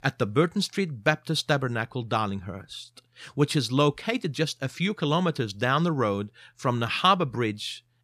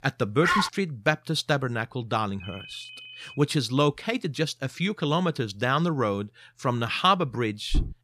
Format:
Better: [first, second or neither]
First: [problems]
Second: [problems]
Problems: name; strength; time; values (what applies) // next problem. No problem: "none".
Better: first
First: none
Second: dog barking; loud; at 0.5 s; peak 1 dB above the speech // phone ringing; faint; at 2.5 s; peak 15 dB below the speech // footsteps; very faint; at 7.5 s; peak 5 dB below the speech